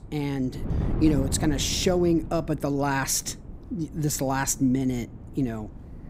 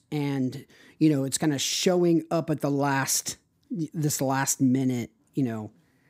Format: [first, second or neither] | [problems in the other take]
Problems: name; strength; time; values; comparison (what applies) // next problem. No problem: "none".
second | wind noise on the microphone; occasional gusts; 15 dB below the speech